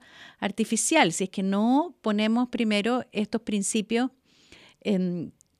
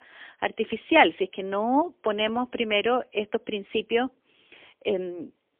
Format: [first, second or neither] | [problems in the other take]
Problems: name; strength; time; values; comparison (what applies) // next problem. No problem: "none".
first | phone-call audio; poor line; nothing above 3.5 kHz